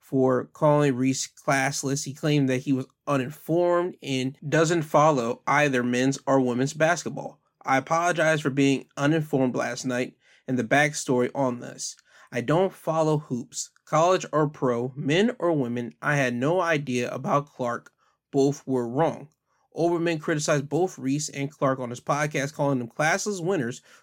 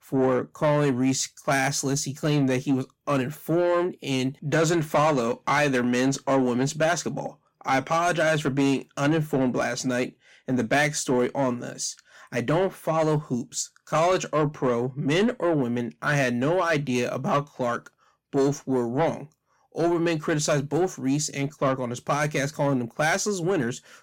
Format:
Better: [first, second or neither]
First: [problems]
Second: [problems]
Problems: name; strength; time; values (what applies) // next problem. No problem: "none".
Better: first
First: none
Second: distortion; slight; 10 dB below the speech